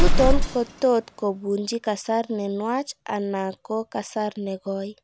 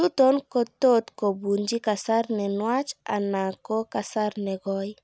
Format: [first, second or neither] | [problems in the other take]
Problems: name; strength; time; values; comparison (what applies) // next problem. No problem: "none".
second | background sound (Explosion); 1 dB above the speech